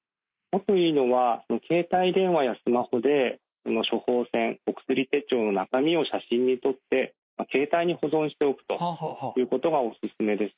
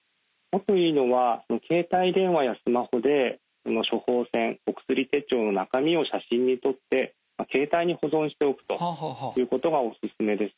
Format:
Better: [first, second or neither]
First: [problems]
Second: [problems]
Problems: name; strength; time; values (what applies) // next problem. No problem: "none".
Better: second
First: noise reduction (neural mask model Resemble Enhance denoiser)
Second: none